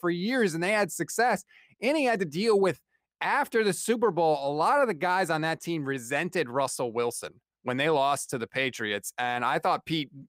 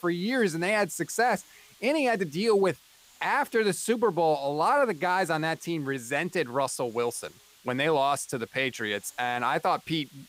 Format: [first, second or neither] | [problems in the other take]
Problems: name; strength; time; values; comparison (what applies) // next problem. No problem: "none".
first | hiss; faint; throughout; 25 dB below the speech